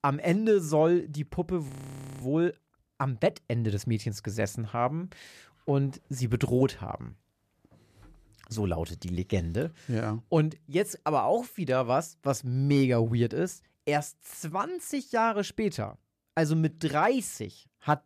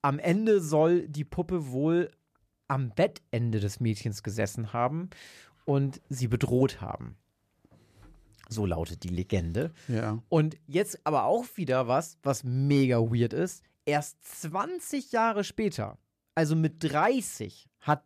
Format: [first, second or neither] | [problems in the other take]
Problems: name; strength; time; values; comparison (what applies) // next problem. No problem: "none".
second | audio freezing; at 1.5 s for 0.5 s